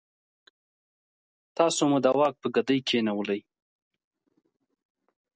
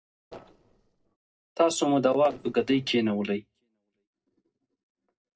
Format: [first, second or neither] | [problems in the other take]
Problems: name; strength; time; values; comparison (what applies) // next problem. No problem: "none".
first | noise reduction (neural separator model SepFormer DNS4)